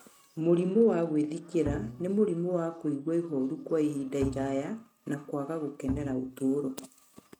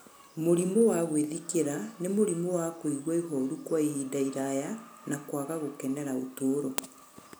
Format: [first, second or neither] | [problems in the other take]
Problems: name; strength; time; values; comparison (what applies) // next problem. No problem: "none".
second | noise reduction (neural mask model RNNoise)